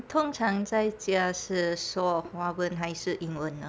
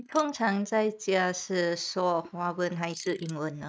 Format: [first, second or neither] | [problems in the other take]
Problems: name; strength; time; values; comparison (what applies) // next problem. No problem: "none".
first | noise reduction (neural mask model Resemble Enhance denoiser)